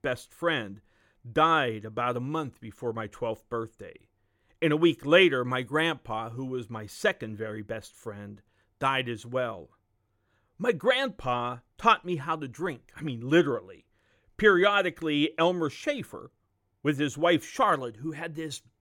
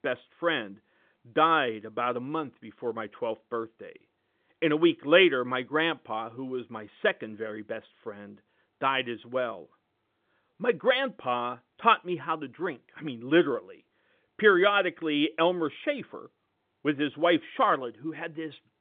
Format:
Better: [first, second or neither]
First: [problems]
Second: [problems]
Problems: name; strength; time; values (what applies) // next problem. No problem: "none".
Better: first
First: none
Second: phone-call audio; nothing above 3.5 kHz